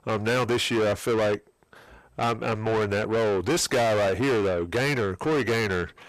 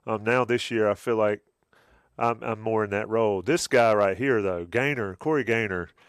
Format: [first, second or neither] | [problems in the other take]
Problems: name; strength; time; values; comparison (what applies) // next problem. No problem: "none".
second | distortion; heavy; 5 dB below the speech